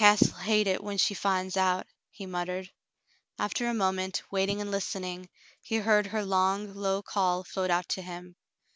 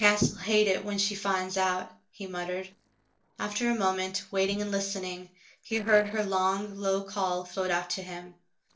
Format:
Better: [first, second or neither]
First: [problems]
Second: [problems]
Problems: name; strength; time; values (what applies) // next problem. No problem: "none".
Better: first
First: none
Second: noise reduction (neural separator model SepFormer DNS4)